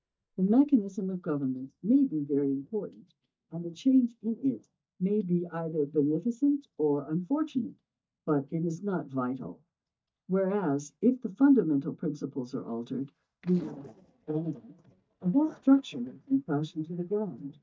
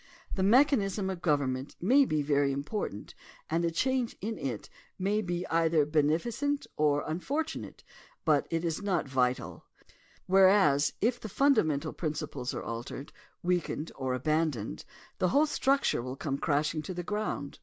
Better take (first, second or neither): second